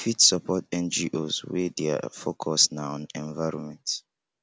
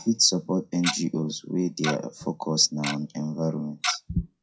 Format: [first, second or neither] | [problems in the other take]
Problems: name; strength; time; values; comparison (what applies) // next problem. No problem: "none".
first | noise reduction (classical method WPE with log-MMSE)